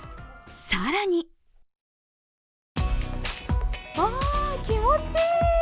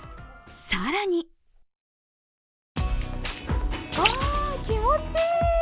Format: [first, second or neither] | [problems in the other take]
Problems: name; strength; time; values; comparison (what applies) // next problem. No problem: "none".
first | background sound (Liquid); 6 dB below the speech